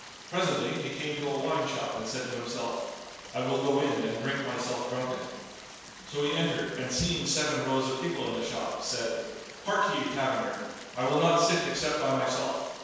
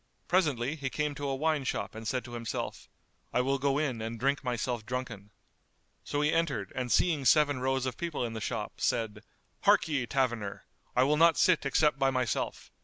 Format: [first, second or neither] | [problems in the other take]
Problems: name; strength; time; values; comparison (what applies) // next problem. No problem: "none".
second | background sound (Stream); 16 dB below the speech // room echo; dies away in 1.2 s